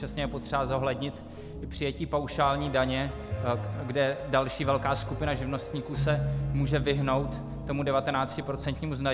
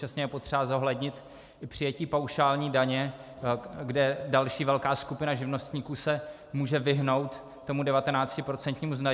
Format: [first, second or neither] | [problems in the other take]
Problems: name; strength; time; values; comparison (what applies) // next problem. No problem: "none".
second | background sound (Keyboard (musical) + Piano); 5 dB below the speech